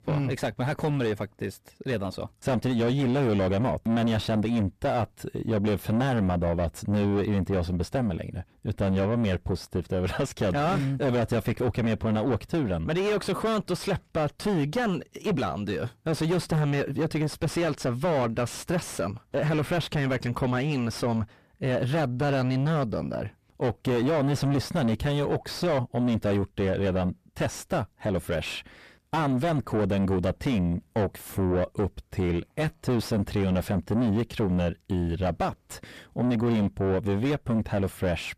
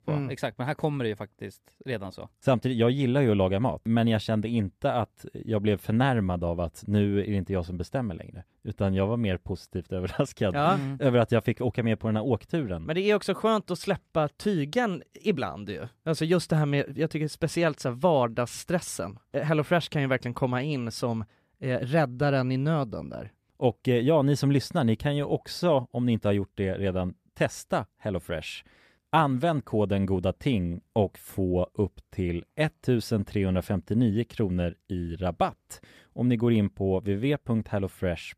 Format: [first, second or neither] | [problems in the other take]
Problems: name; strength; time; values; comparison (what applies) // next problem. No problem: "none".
second | distortion; heavy; 5 dB below the speech